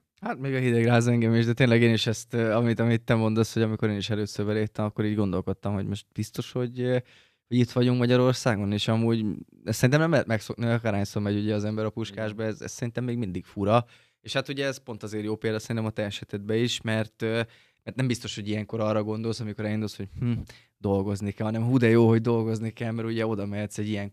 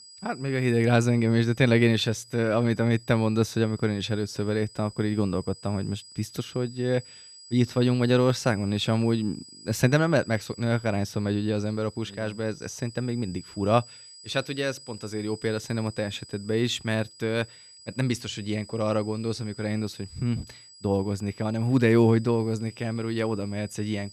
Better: first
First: none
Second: high-pitched whine; noticeable; throughout; 5 kHz, 20 dB below the speech

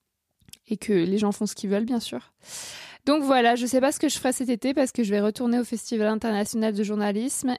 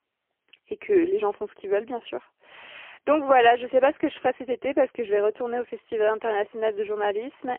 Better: first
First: none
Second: phone-call audio; poor line; nothing above 3 kHz

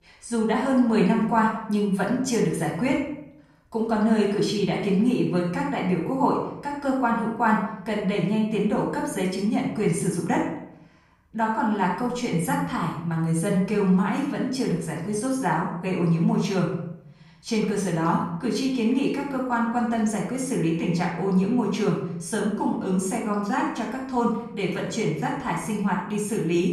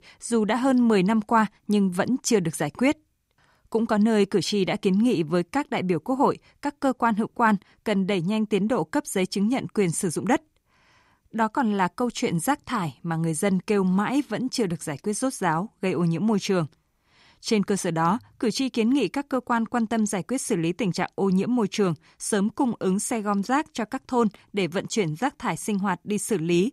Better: second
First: off-mic speech; far // room echo; noticeable; dies away in 0.7 s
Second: none

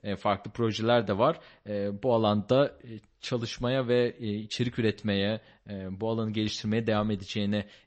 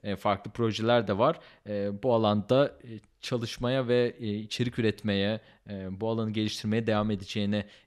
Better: second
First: garbled, watery; slightly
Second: none

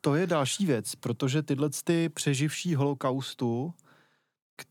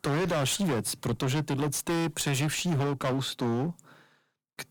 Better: first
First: none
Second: distortion; heavy; 26% of the sound clipped

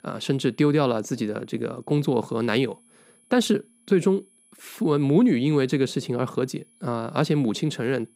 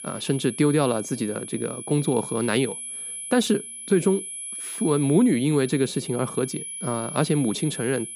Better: first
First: high-pitched whine; faint; throughout; 10.5 kHz, 35 dB below the speech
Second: high-pitched whine; loud; throughout; 10.5 kHz, 9 dB below the speech

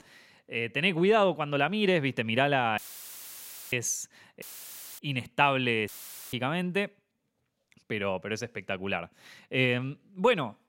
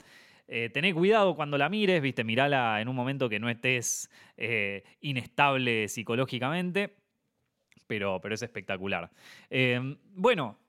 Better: second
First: audio cutting out; filled with static; at 3 s for 1 s, at 4.5 s for 0.5 s and at 6 s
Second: none

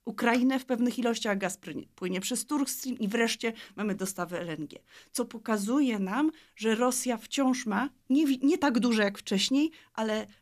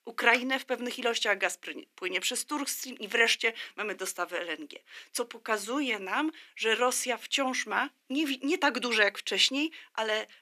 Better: first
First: none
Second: thin; somewhat; fading below 350 Hz

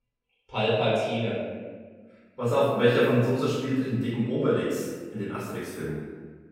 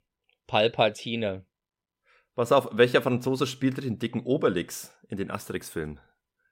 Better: second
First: off-mic speech; far // room echo; strong; dies away in 1.3 s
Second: none

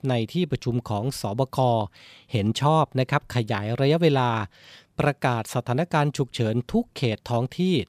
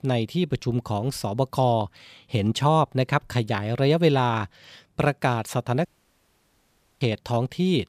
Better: first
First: none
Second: audio cutting out; at 6 s for 1 s

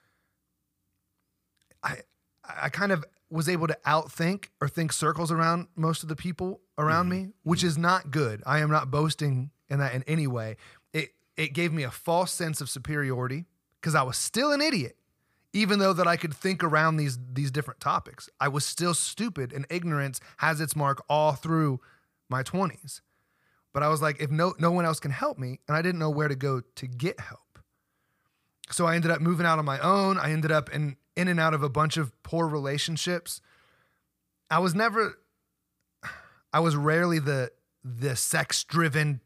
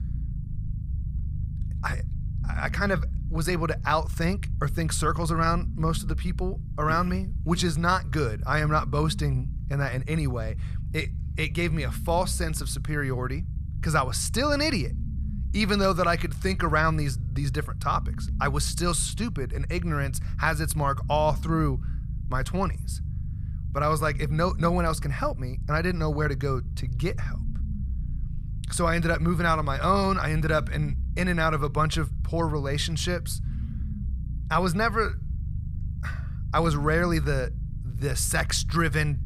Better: first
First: none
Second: low rumble; faint; throughout; 20 dB below the speech

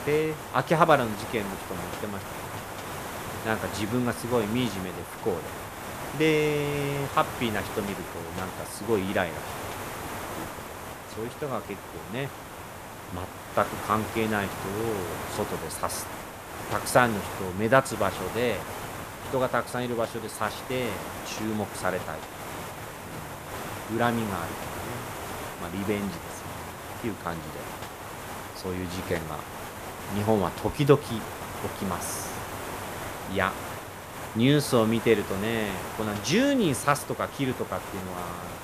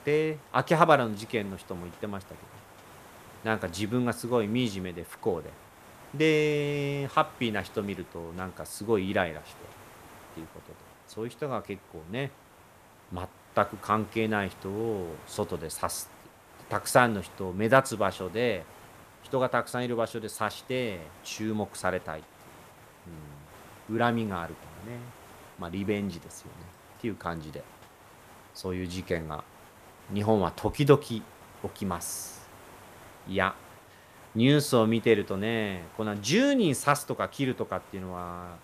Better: second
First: hiss; loud; throughout; 8 dB below the speech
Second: hiss; faint; throughout; 20 dB below the speech

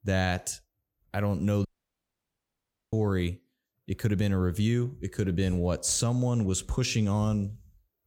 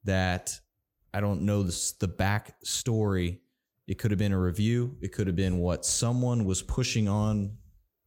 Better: second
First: audio cutting out; at 1.5 s for 1.5 s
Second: none

